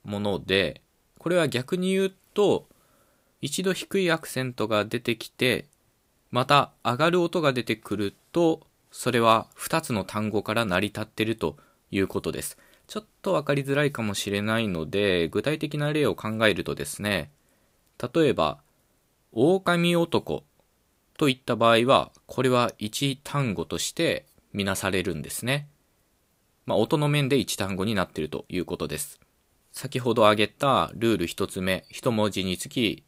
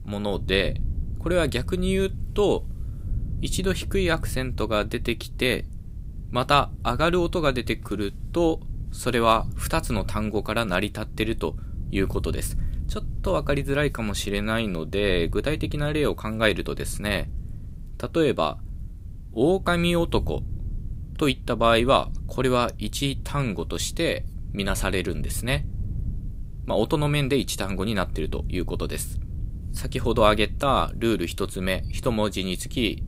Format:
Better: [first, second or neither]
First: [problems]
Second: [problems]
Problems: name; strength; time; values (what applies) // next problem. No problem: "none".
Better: first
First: none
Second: wind noise on the microphone; occasional gusts; 25 dB below the speech